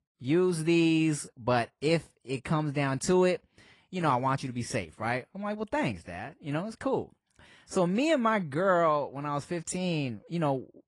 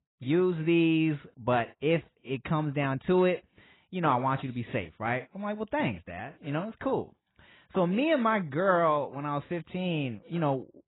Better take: first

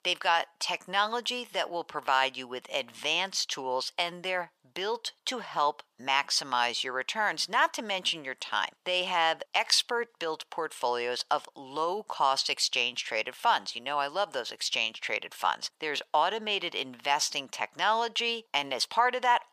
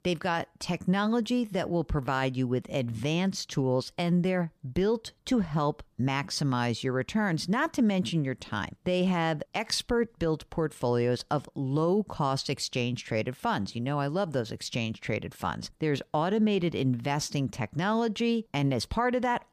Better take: second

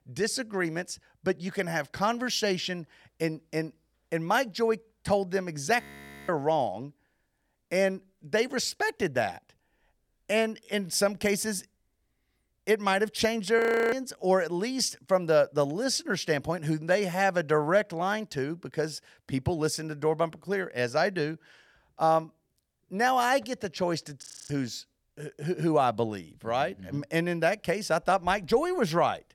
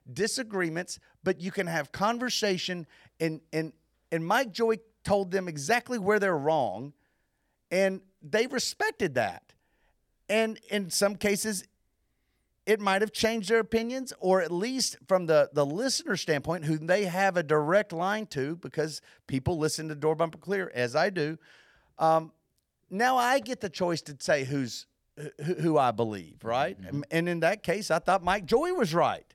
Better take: second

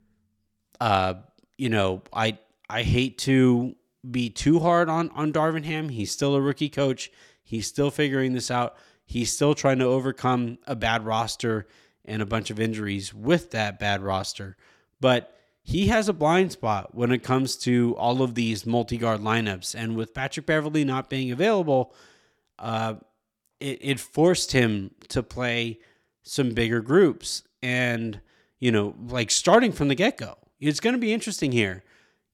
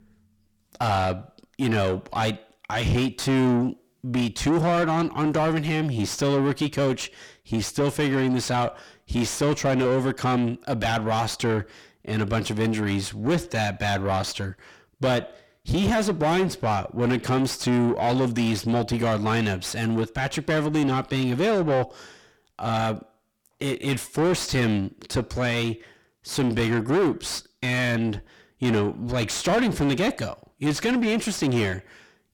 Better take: first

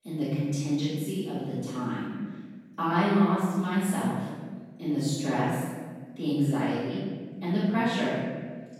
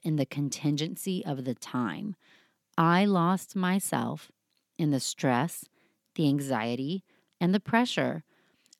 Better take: second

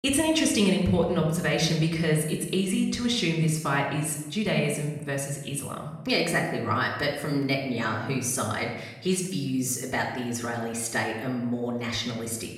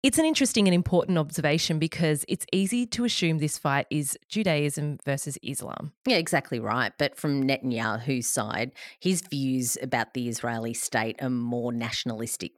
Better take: second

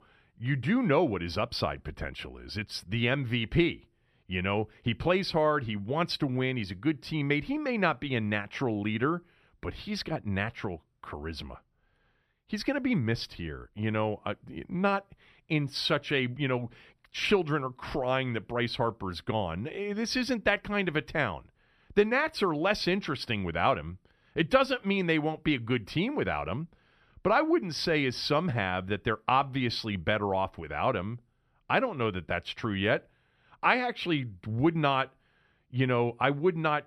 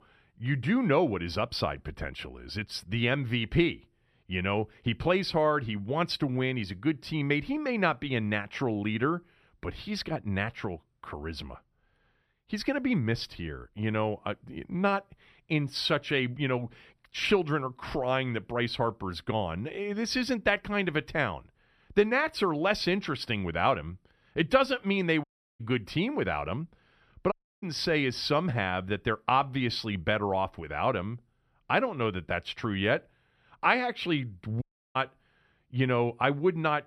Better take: first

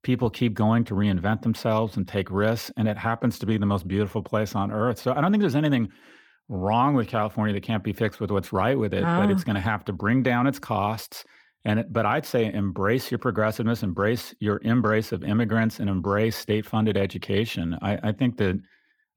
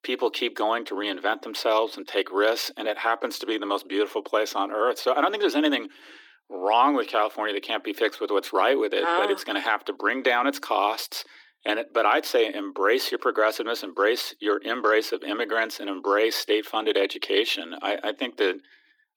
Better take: first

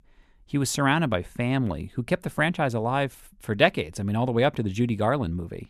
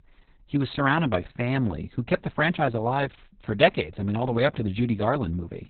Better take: first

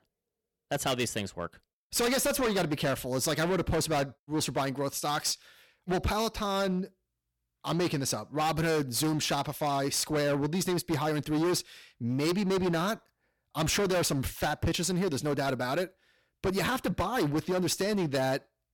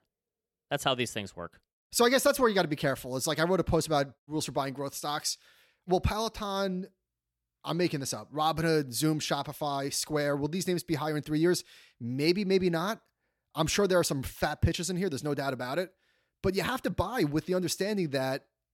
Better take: second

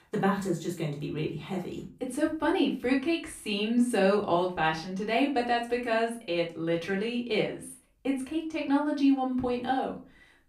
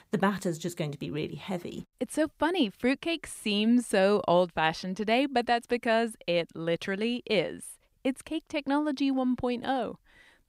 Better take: second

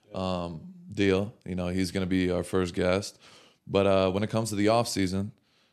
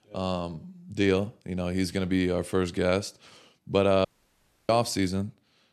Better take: first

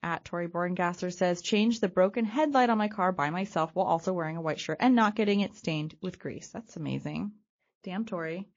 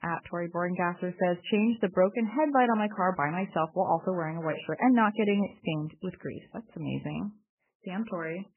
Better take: first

